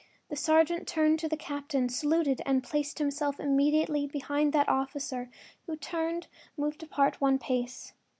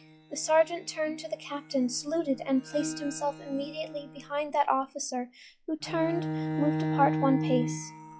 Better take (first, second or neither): first